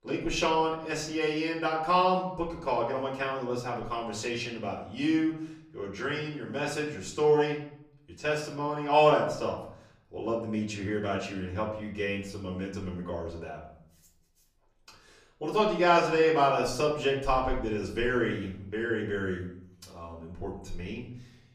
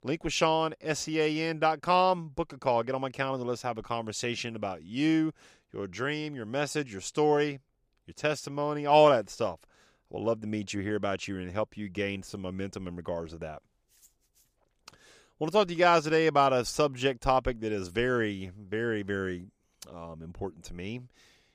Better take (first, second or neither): second